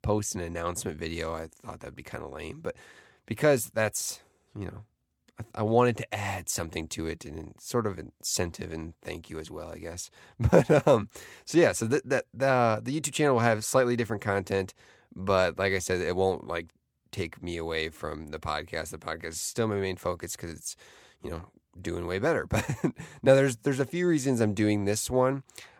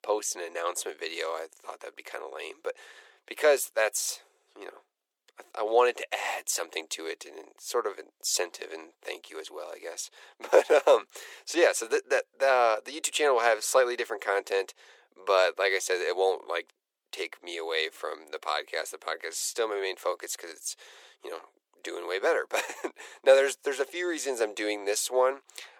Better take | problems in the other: first | thin; very; fading below 400 Hz

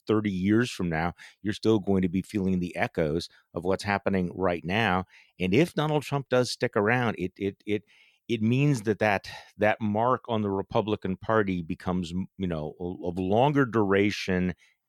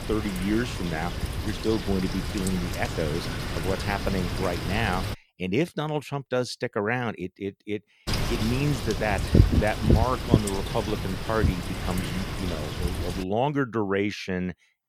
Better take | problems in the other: first | wind noise on the microphone; heavy; until 5 s and from 8 to 13 s; 3 dB below the speech

